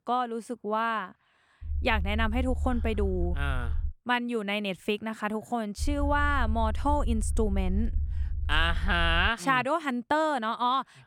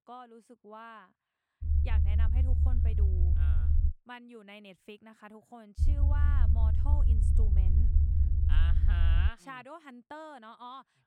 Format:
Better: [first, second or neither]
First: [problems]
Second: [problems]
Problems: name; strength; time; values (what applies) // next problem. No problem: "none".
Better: first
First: low rumble; faint; from 1.5 to 4 s and from 6 to 9.5 s; 25 dB below the speech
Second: low rumble; loud; from 1.5 to 4 s and from 6 to 9.5 s; 1 dB below the speech